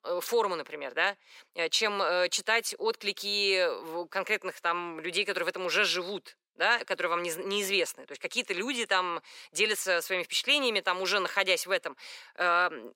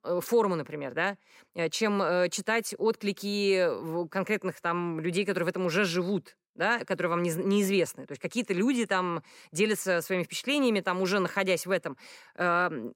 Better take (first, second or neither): second